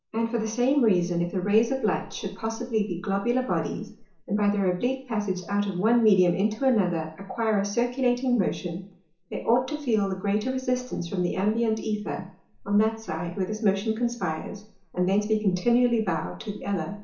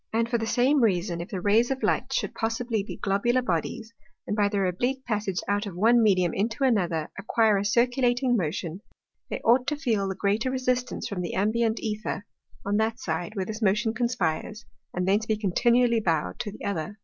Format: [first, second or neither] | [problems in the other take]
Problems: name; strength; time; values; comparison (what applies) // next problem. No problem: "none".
second | room echo; dies away in 0.7 s